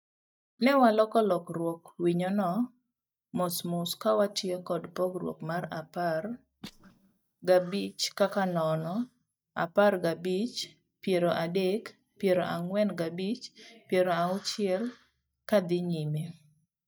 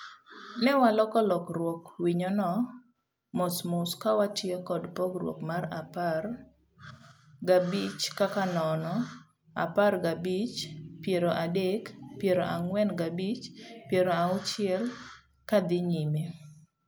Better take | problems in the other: second | noise reduction (neural mask model DeepFilterNet 3)

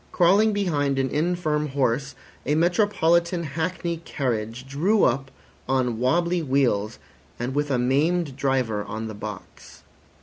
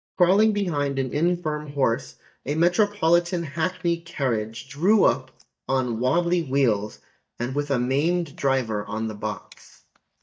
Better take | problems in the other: first | noise reduction (neural mask model DeepFilterNet 3)

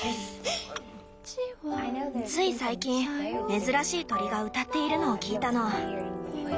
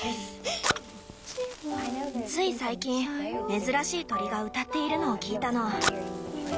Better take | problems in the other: first | background sound (Fire); 8 dB below the speech

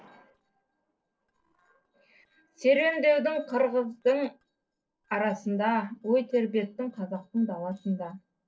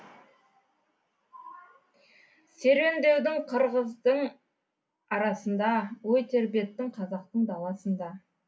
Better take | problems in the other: second | noise reduction (neural separator model SepFormer DNS4)

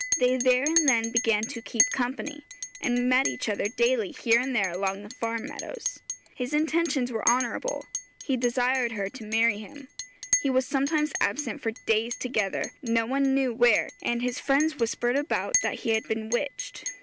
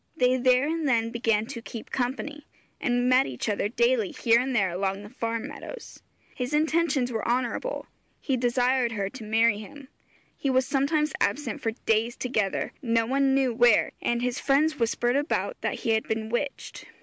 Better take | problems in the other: second | background sound (Chink, clink); 8 dB below the speech

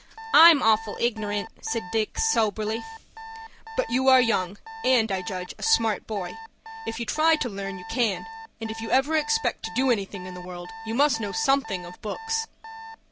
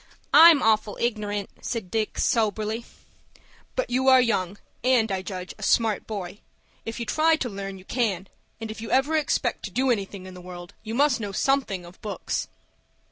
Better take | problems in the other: second | background sound (Alarm); 14 dB below the speech

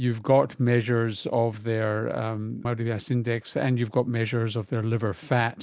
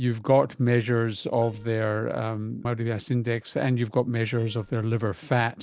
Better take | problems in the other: first | noise reduction (neural separator model SepFormer DNS4)

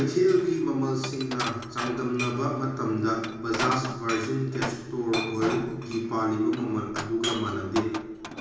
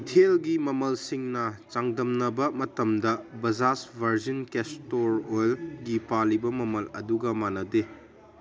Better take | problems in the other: second | background sound (Glass); 9 dB below the speech // room echo; dies away in 1 s

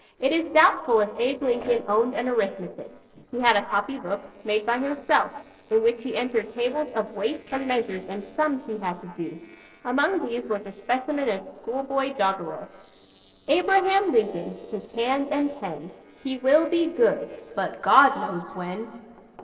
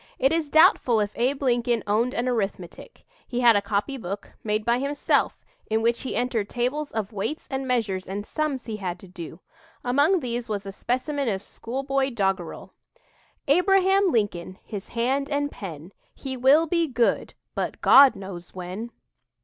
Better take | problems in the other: second | noise reduction (neural separator model SepFormer DNS4)

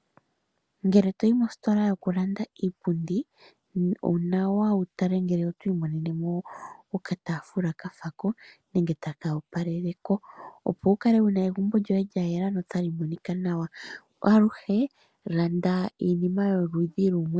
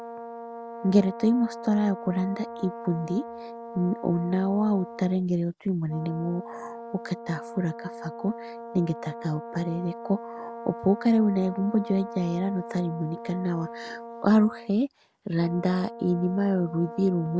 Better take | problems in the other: first | background sound (Brass instrument); 13 dB below the speech

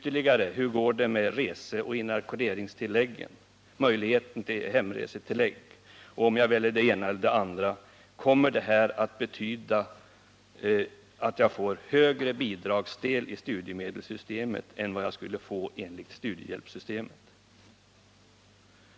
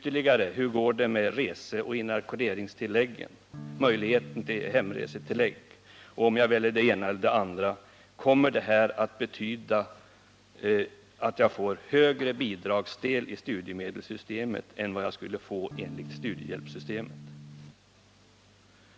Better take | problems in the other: first | background sound (Electric guitar / Strum); 14 dB below the speech

